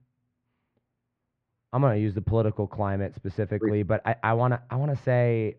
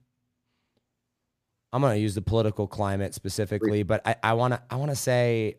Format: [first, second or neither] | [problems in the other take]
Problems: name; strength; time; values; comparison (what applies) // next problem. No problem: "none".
second | muffled; very; fading above 2 kHz